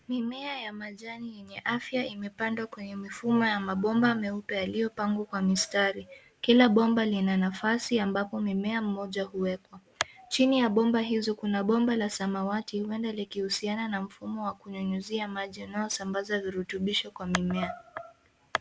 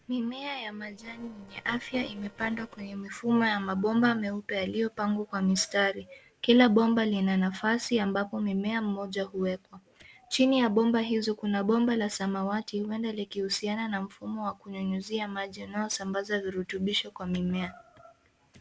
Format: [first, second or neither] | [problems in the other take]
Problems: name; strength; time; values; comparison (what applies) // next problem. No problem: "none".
first | noise reduction (neural separator model SepFormer DNS4)